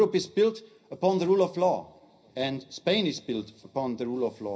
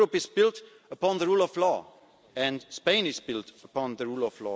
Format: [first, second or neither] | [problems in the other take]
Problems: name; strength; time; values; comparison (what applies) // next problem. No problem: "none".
second | room echo; dies away in 0.4 s